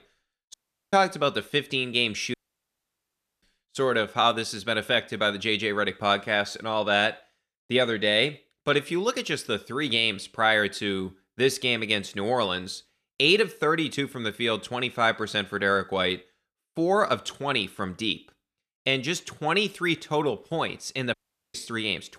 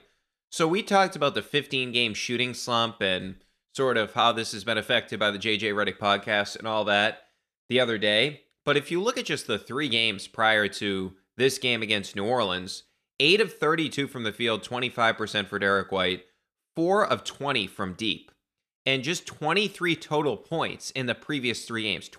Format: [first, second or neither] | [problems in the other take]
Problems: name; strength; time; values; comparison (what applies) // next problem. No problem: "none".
second | audio cutting out; at 0.5 s, at 2.5 s for 1 s and at 21 s